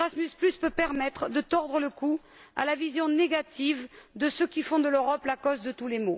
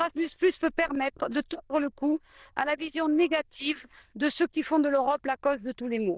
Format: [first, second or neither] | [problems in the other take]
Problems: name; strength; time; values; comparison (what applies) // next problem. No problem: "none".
first | noise reduction (neural diffusion model UNIVERSE++)